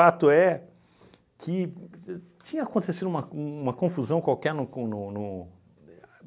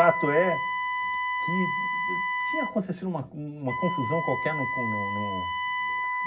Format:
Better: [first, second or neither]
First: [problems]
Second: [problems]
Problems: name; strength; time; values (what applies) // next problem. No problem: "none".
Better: first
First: none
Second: background sound (Wind instrument, woodwind instrument); as loud as the speech // room echo; dies away in 0.4 s